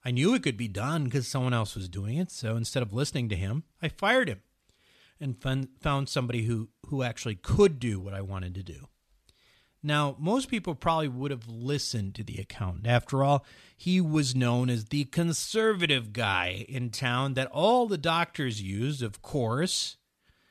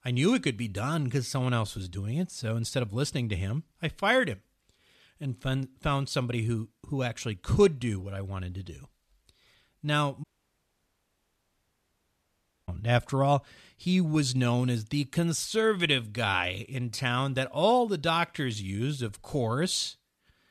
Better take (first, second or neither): first